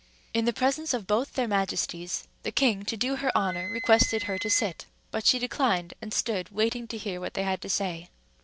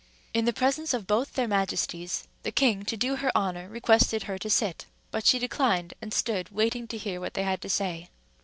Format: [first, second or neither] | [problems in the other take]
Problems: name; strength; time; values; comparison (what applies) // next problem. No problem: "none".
second | background sound (Wind instrument, woodwind instrument); 11 dB below the speech